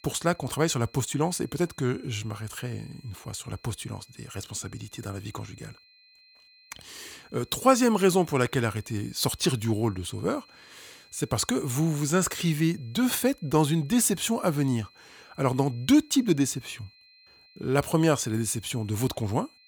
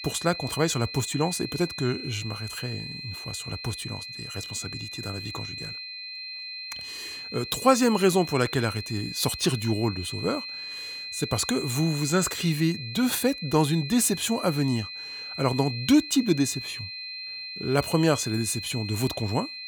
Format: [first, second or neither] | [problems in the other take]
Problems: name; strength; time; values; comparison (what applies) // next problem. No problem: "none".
first | high-pitched whine; loud; throughout; 4 kHz, 9 dB below the speech; faint in the first